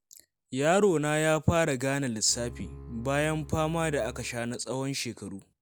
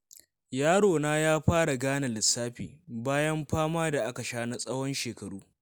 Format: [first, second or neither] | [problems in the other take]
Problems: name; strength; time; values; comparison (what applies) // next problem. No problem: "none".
second | background sound (Bowed string instrument); 17 dB below the speech